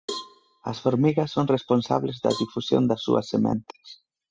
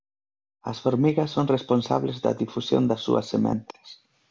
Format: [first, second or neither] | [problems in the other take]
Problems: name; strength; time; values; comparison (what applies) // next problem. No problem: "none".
second | noise reduction (classical method spectral subtraction)